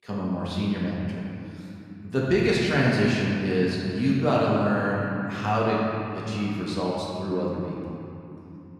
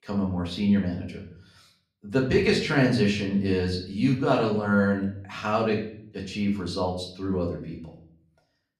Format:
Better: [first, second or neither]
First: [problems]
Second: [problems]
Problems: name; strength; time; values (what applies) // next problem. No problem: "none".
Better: second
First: room echo; strong; dies away in 2.9 s // off-mic speech; far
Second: room echo; slight; dies away in 0.5 s // off-mic speech; far